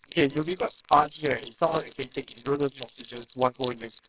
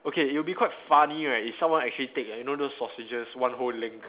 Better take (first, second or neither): second